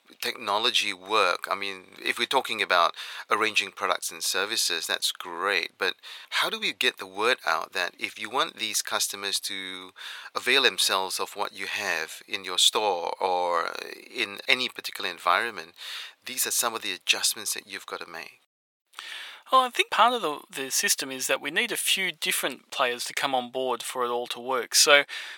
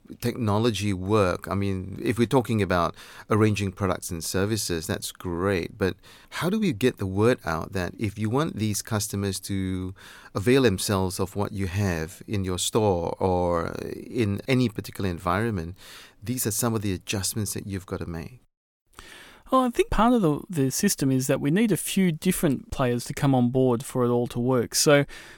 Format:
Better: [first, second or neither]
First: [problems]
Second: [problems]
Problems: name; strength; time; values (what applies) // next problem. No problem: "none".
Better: second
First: thin; very; fading below 750 Hz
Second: none